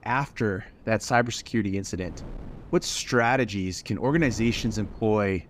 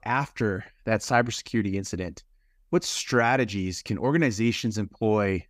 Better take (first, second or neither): second